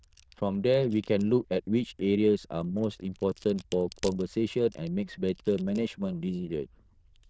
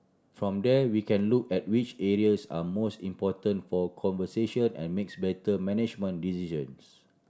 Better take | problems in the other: second | noise reduction (neural diffusion model UNIVERSE++)

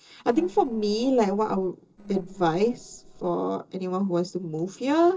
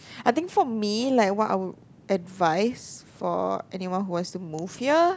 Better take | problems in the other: second | noise reduction (neural separator model SepFormer DNS4)

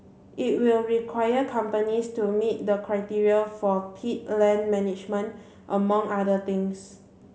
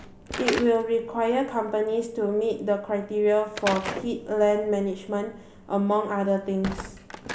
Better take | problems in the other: first | background sound (Slam / Wood); 12 dB below the speech

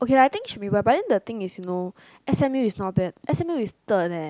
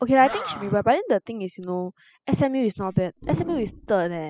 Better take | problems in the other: first | noise reduction (classical method spectral subtraction)

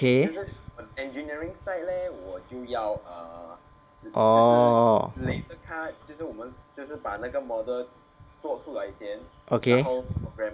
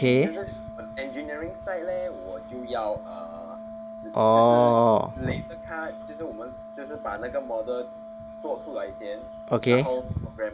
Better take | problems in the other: first | background sound (Organ); 13 dB below the speech

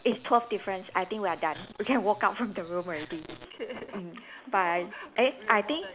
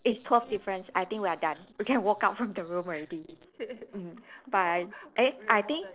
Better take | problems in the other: first | noise reduction (neural separator model SepFormer DNS4)

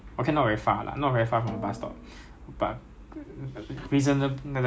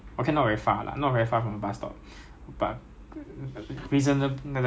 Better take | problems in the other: second | background sound (Snare drum); 19 dB below the speech

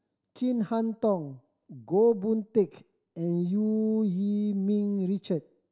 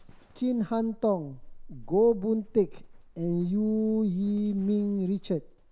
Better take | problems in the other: first | background sound (Livestock, farm animals, working animals); 18 dB below the speech

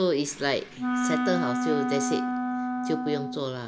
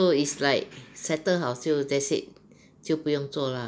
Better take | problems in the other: second | background sound (Wind instrument, woodwind instrument); as loud as the speech

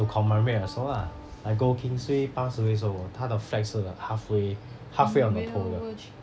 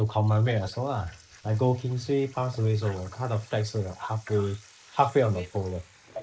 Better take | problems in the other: first | noise reduction (neural mask model Resemble Enhance denoiser)

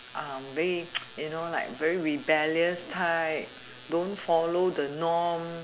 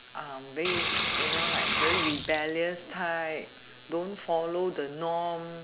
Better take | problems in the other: first | background sound (Sink (filling or washing) / Water); 3 dB above the speech

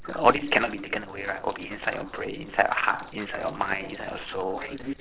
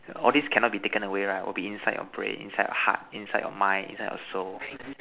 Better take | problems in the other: second | noise reduction (neural separator model SepFormer DNS4)

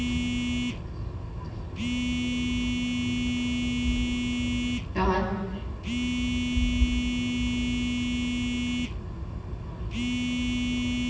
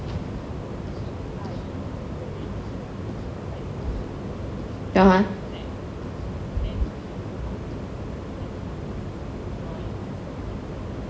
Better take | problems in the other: second | background sound (Telephone); 2 dB above the speech // room echo; dies away in 1.4 s

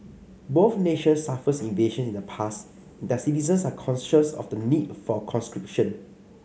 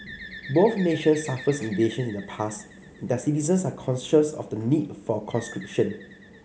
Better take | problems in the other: first | background sound (Bird); 19 dB below the speech

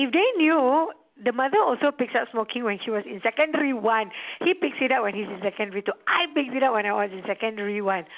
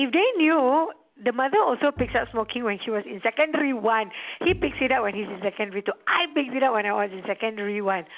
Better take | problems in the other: first | background sound (Bowed string instrument); 18 dB below the speech

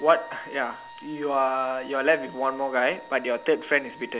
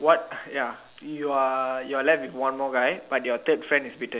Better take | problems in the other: second | background sound (Wind instrument, woodwind instrument); 19 dB below the speech

